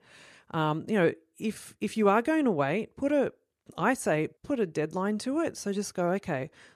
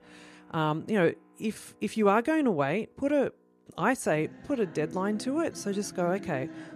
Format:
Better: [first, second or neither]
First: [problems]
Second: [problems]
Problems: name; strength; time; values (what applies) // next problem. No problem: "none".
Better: first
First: none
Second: background music; noticeable; throughout; 15 dB below the speech